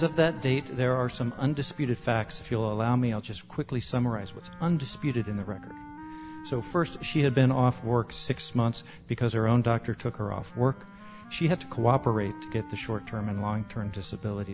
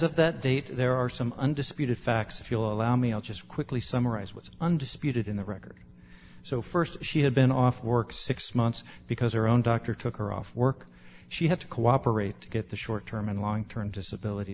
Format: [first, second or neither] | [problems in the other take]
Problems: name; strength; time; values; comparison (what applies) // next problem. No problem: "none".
second | background sound (Wind instrument, woodwind instrument); 19 dB below the speech